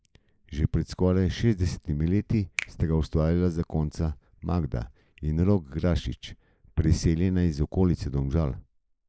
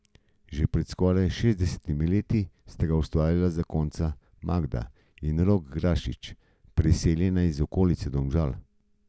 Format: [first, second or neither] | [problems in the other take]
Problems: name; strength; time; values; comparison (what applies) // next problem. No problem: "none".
second | noise reduction (neural mask model Resemble Enhance denoiser)